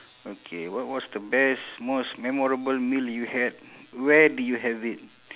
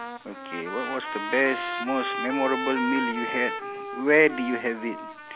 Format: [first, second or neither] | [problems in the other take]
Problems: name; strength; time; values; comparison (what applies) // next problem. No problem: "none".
first | background sound (Trumpet); 6 dB below the speech